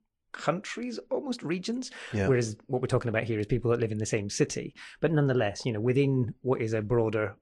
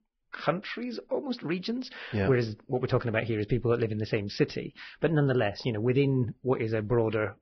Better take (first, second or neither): first